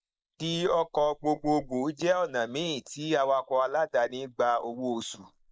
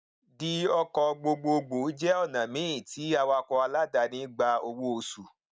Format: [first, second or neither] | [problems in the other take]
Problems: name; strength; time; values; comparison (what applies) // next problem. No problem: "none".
second | noise reduction (neural mask model Resemble Enhance denoiser)